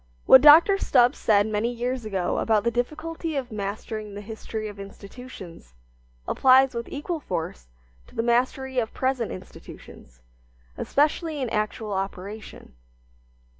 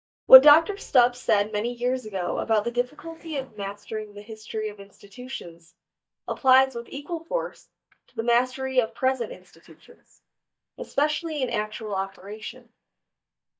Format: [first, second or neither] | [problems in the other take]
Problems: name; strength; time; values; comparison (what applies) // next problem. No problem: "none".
first | noise reduction (neural mask model DeepFilterNet 3)